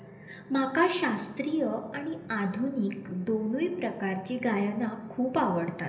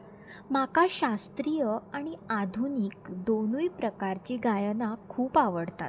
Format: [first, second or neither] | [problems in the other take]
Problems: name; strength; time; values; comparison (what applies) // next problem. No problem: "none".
second | room echo; dies away in 1.4 s